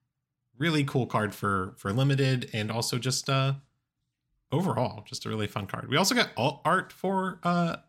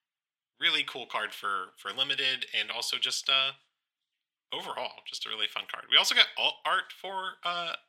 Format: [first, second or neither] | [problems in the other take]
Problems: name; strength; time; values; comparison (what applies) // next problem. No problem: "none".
first | thin; very; fading below 600 Hz